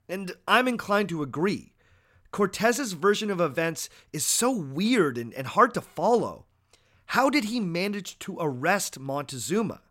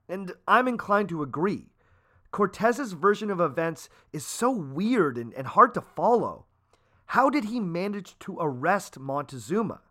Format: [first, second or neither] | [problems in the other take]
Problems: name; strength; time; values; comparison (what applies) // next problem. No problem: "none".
first | muffled; slightly; fading above 1.5 kHz